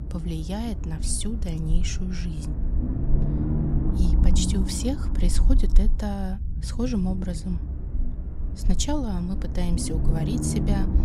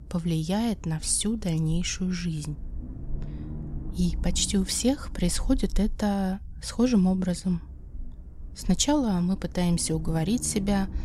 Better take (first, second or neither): second